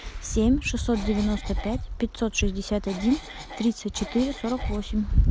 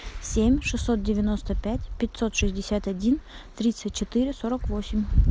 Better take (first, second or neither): second